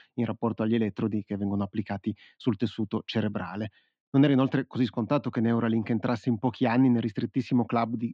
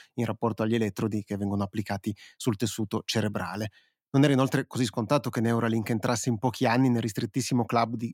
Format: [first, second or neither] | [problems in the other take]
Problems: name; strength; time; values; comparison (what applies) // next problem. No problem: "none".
second | muffled; slightly; fading above 3.5 kHz